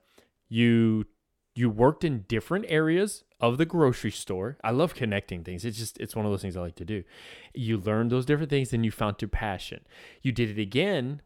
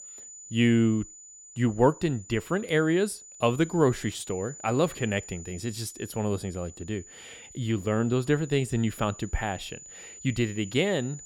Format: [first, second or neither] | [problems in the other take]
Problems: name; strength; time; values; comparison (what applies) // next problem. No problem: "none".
first | high-pitched whine; noticeable; throughout; 7 kHz, 15 dB below the speech